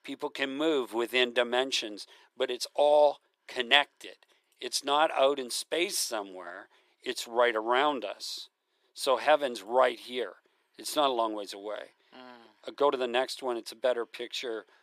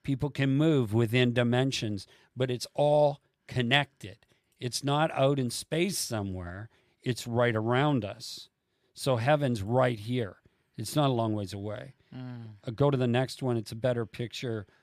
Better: second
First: thin; very; fading below 350 Hz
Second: none

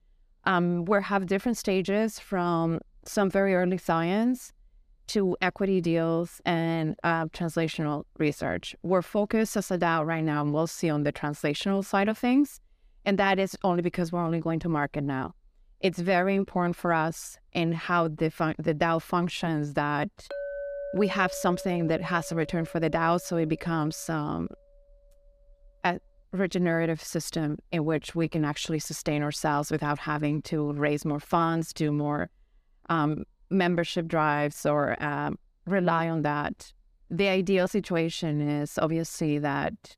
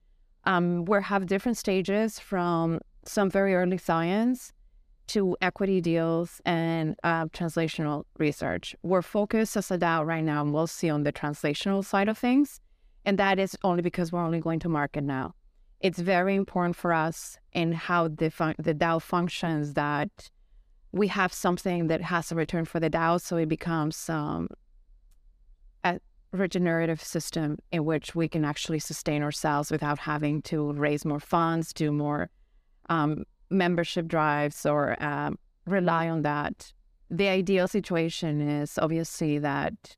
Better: second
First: clattering dishes; noticeable; from 20 to 24 s; peak 7 dB below the speech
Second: none

